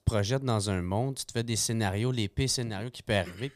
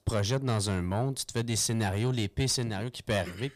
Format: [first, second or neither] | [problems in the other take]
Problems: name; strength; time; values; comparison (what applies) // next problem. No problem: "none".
first | distortion; slight; 10 dB below the speech